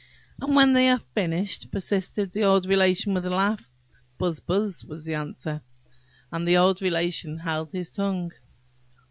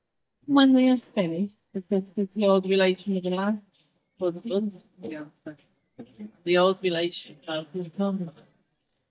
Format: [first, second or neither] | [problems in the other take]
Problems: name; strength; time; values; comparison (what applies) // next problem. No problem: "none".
first | noise reduction (neural mask model DeepFilterNet 3)